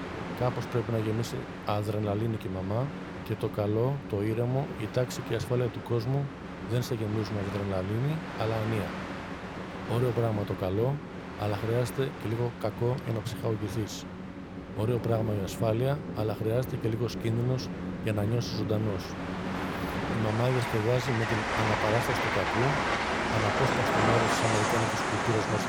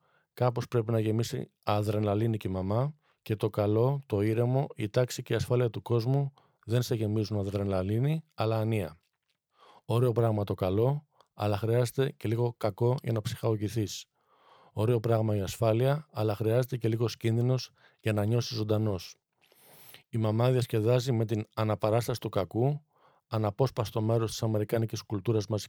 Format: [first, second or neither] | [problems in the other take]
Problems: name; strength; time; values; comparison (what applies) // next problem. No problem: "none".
second | train or aircraft noise; loud; throughout; 2 dB below the speech